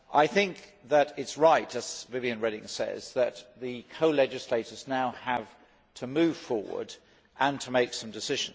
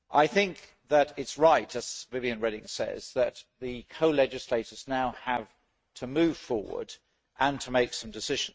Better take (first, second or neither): first